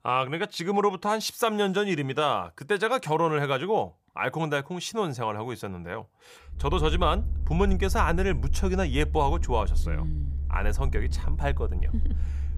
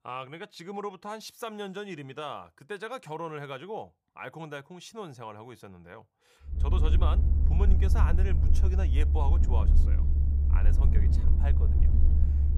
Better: first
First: low rumble; faint; from 6.5 s on; 20 dB below the speech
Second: low rumble; loud; from 6.5 s on; 5 dB below the speech

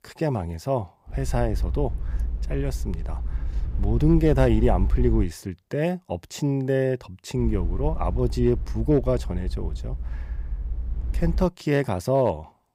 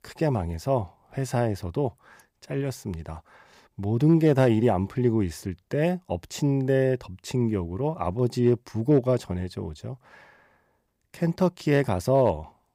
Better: second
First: low rumble; faint; from 1 to 5.5 s and from 7.5 to 11 s; 20 dB below the speech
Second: none

